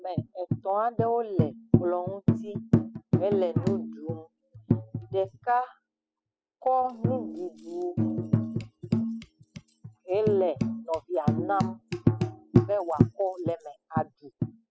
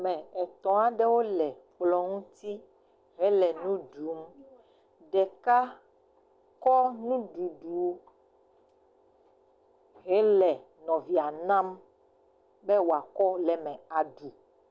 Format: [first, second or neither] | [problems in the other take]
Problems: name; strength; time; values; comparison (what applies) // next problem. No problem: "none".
second | noise reduction (classical method spectral subtraction)